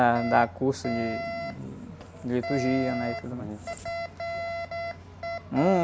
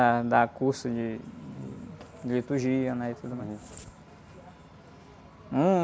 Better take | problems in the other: second | background sound (Alarm); 6 dB below the speech

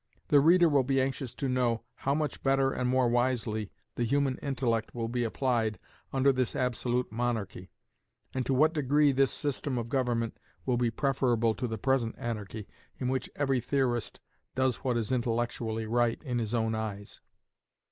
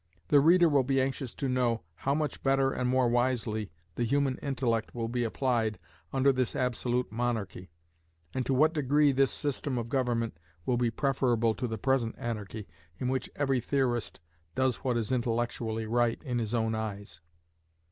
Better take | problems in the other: second | noise reduction (neural mask model Resemble Enhance denoiser)

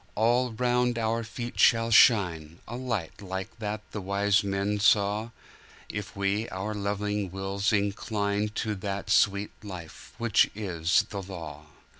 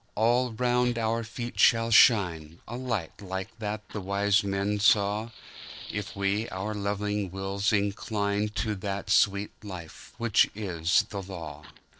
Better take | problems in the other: first | noise reduction (neural separator model SepFormer DNS4)

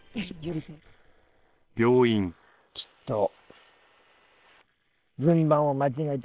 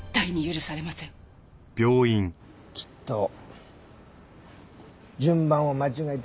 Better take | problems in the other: second | noise reduction (neural separator model SepFormer WHAM!)

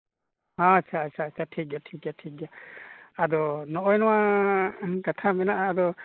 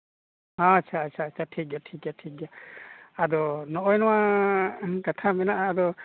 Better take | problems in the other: second | noise reduction (neural mask model Resemble Enhance denoiser)

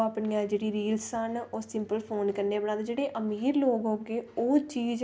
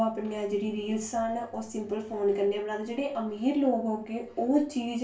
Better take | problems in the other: first | room echo; dies away in 0.2 s

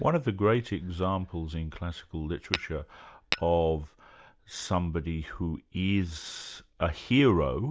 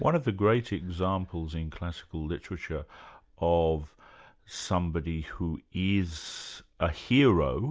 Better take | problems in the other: second | background sound (Tap / Glass); 7 dB below the speech

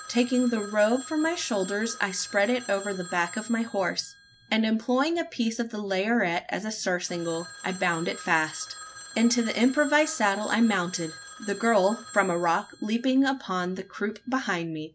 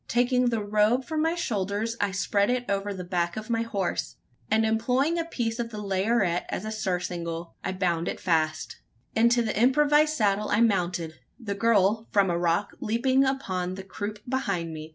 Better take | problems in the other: second | background sound (Telephone); 17 dB below the speech

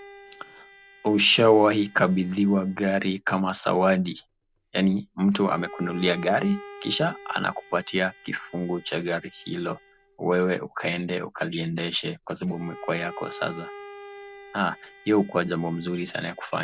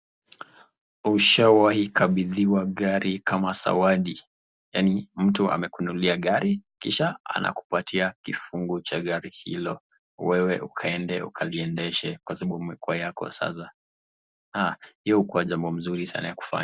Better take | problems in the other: second | background sound (Bowed string instrument); 20 dB below the speech

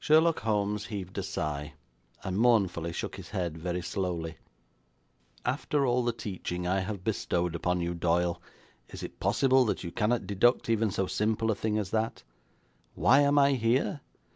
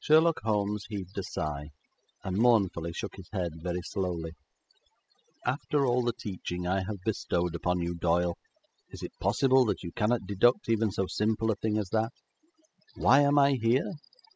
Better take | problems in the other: first | noise reduction (classical method spectral subtraction)

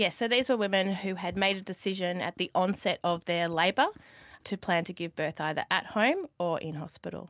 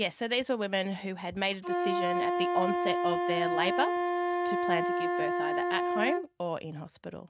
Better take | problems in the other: first | noise reduction (neural mask model RNNoise)

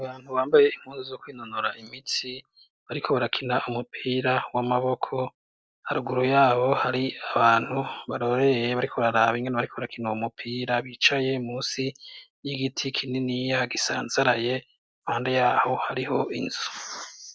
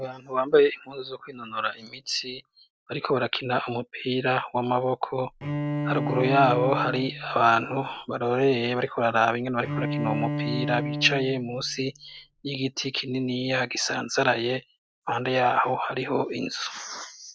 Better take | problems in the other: first | background sound (Bowed string instrument); 5 dB below the speech

